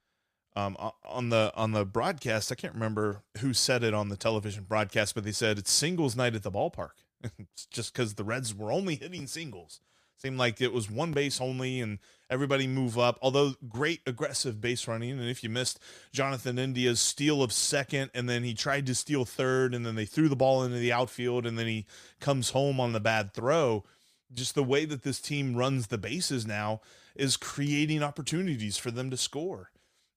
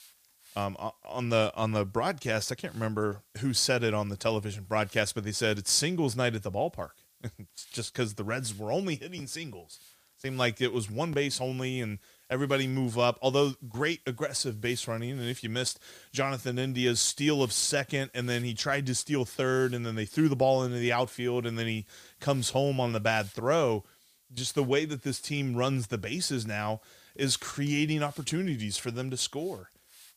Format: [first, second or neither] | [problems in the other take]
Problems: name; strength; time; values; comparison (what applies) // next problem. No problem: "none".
first | hiss; faint; throughout; 25 dB below the speech